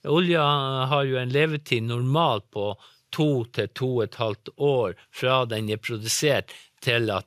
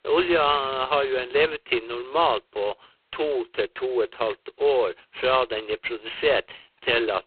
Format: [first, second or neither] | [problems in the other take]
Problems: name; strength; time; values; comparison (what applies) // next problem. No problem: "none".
first | phone-call audio; poor line; nothing above 4 kHz